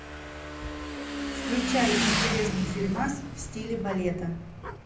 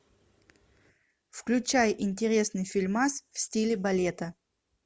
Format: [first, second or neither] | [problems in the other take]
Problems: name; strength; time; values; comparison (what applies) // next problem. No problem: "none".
second | background sound (Motorcycle / Engine); as loud as the speech // room echo; dies away in 0.6 s